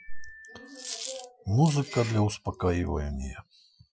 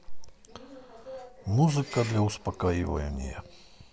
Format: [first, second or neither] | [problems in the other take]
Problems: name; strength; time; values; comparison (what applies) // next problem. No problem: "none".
second | noise reduction (classical method Wiener filter)